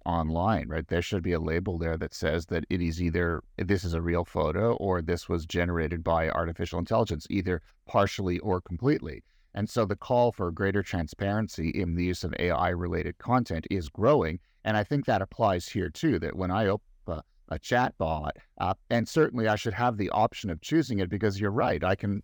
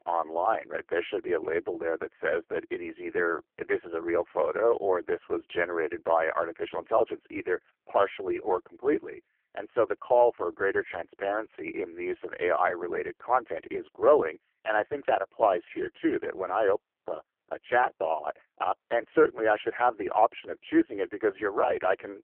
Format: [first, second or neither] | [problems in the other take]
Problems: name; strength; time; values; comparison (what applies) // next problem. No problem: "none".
first | phone-call audio; poor line